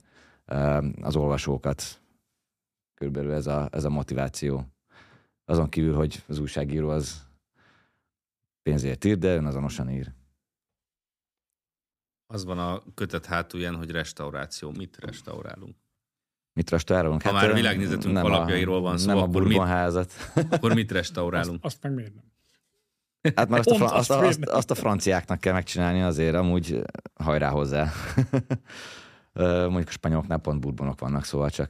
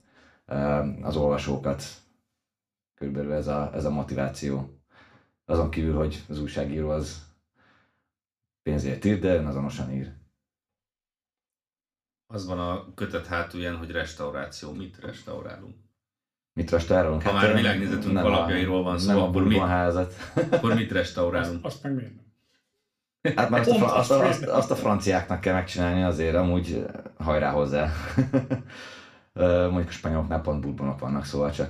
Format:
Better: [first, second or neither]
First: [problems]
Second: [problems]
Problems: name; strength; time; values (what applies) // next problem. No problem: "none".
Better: first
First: none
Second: room echo; slight; dies away in 0.3 s // off-mic speech; somewhat distant